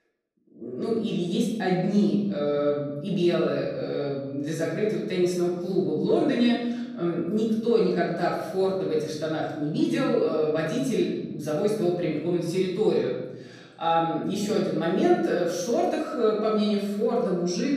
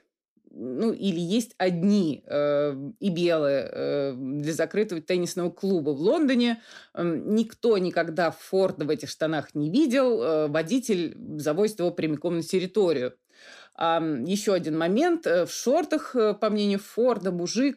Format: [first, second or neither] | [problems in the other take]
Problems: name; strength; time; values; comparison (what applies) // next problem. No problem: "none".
second | off-mic speech; far // room echo; noticeable; dies away in 1.2 s